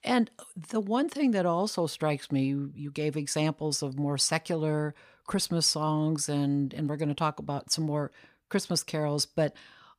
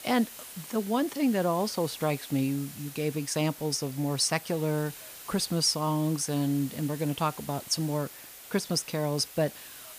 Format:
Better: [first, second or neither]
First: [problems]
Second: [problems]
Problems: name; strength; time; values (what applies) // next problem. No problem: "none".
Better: first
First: none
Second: hiss; noticeable; throughout; 15 dB below the speech